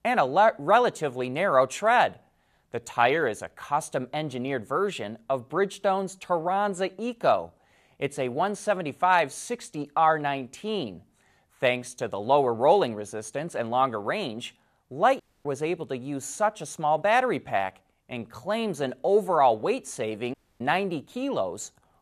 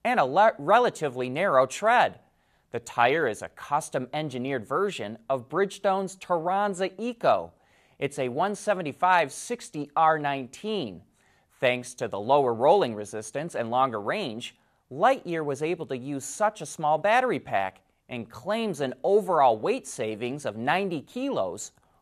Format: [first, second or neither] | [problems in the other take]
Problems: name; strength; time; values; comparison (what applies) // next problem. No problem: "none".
second | audio cutting out; at 15 s and at 20 s